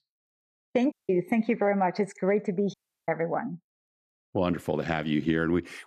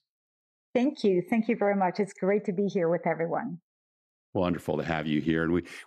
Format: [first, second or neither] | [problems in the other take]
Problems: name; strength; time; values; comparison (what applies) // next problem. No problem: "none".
second | audio cutting out; at 1 s and at 2.5 s